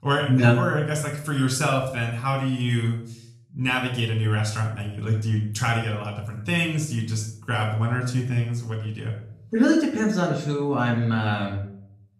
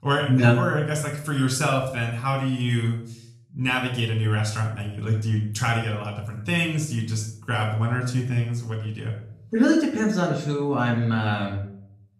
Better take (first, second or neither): neither